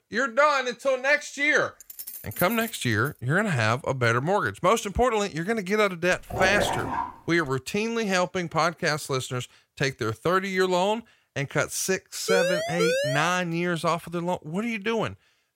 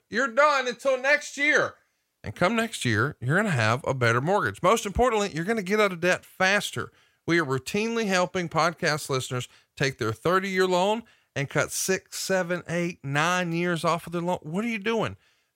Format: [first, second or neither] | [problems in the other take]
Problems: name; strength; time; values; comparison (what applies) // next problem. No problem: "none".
second | jangling keys; noticeable; from 2 to 3 s; peak 8 dB below the speech // dog barking; noticeable; at 6 s; peak 1 dB below the speech // siren; loud; from 12 to 13 s; peak 1 dB above the speech